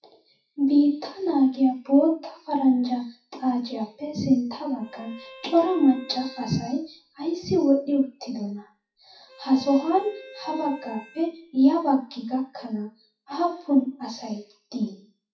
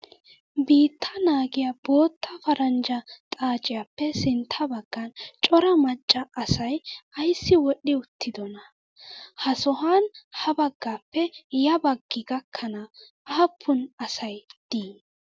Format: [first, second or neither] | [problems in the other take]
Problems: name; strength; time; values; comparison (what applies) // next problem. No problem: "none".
second | noise reduction (classical method WPE with log-MMSE)